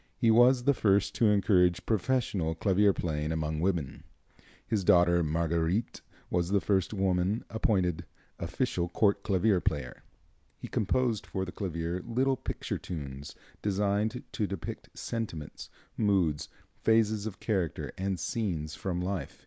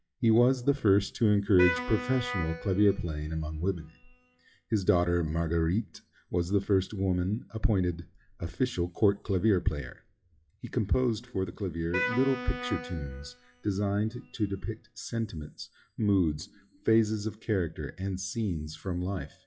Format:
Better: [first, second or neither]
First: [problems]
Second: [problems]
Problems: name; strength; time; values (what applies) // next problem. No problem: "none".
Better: first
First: none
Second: noise reduction (classical method WPE with log-MMSE)